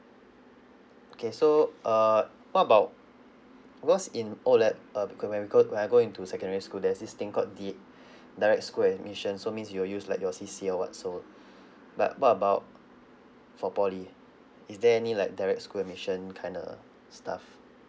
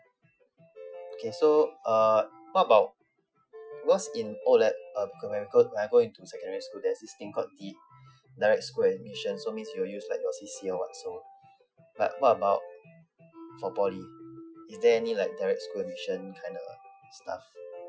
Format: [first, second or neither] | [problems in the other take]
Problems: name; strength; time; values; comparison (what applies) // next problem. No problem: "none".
first | noise reduction (classical method Wiener filter)